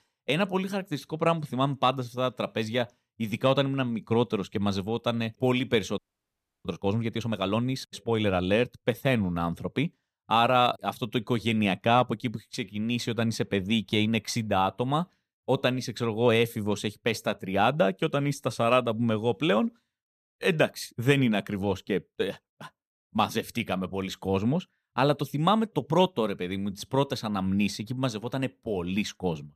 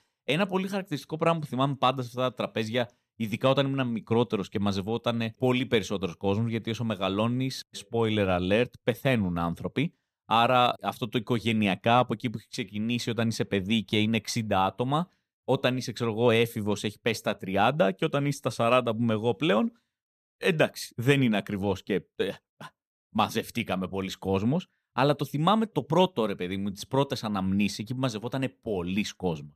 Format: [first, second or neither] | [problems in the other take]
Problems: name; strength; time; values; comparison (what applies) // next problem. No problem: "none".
second | audio freezing; at 6 s for 0.5 s